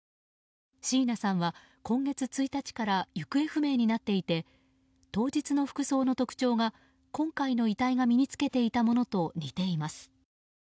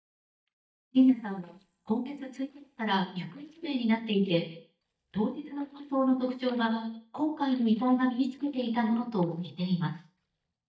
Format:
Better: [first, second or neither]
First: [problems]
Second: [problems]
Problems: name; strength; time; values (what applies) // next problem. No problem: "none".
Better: first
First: none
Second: noise reduction (neural mask model DeepFilterNet 3)